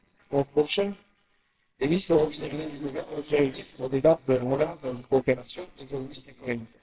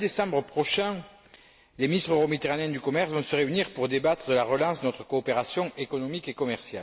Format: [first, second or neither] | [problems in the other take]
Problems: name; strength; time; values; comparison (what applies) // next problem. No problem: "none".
second | noise reduction (neural separator model SepFormer WHAMR!)